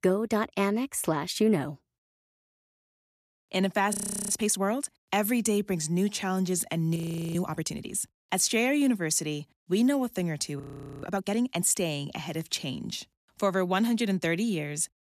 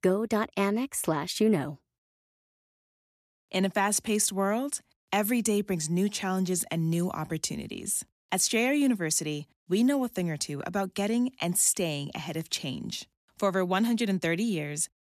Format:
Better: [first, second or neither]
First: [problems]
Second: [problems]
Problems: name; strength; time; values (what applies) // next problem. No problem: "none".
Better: second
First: audio freezing; at 4 s, at 7 s and at 11 s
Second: none